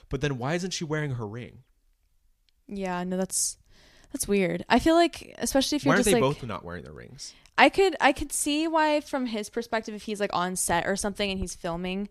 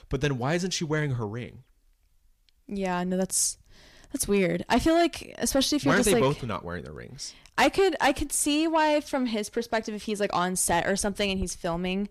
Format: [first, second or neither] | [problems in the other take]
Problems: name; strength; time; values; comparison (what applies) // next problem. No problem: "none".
first | distortion; slight; 10 dB below the speech